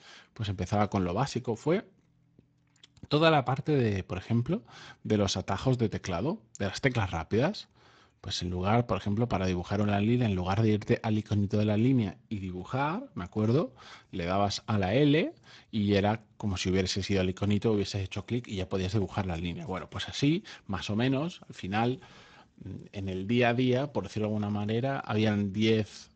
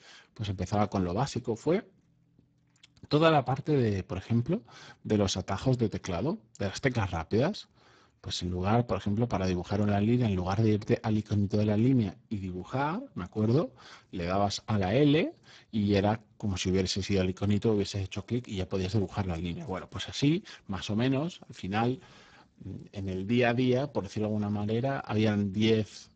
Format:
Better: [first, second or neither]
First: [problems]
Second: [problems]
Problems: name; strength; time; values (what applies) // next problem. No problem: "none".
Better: first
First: garbled, watery; slightly; nothing above 7.5 kHz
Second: garbled, watery; badly; nothing above 7.5 kHz